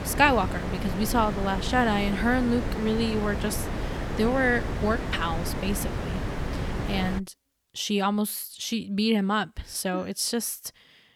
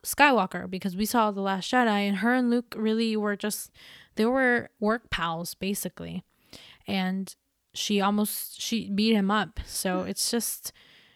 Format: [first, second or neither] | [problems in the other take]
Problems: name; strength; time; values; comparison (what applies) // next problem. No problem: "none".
second | wind noise on the microphone; heavy; until 7 s; 8 dB below the speech